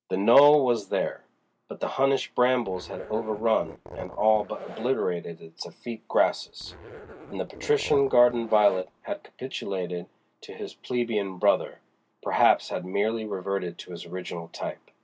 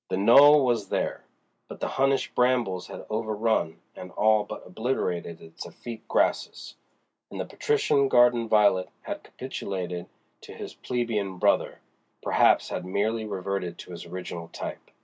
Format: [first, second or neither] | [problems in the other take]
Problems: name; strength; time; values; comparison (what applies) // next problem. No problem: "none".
second | background sound (Zipper (clothing)); 16 dB below the speech